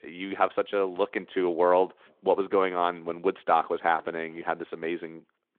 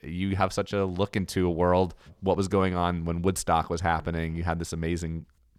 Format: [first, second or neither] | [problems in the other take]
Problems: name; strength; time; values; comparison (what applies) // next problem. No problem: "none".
second | phone-call audio